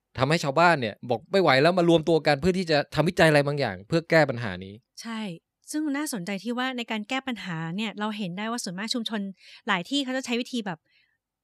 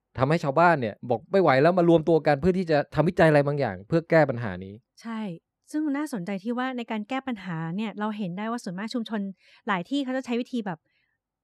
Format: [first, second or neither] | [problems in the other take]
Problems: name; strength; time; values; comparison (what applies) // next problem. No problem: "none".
first | muffled; slightly; fading above 2 kHz